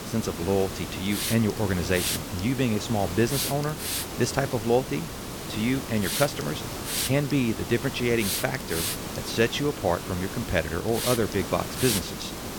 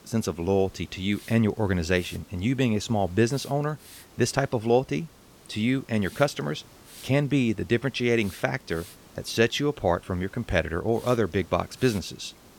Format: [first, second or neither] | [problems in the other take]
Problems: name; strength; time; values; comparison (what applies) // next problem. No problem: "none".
second | hiss; loud; throughout; 4 dB below the speech; faint in the second